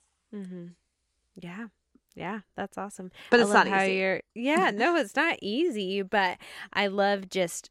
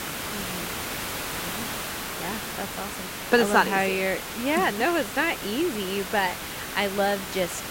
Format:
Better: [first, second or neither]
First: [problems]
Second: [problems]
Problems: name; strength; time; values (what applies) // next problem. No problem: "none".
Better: first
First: none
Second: hiss; loud; throughout; 7 dB below the speech